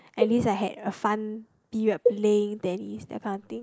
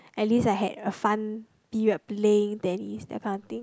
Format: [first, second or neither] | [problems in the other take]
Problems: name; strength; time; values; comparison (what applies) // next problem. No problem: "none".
second | noise reduction (neural mask model Resemble Enhance denoiser)